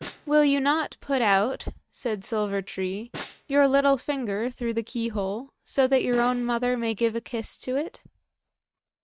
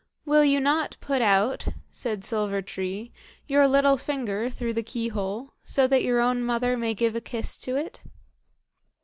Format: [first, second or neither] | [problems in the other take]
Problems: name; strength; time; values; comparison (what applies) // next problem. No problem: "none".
second | noise reduction (neural mask model RNNoise)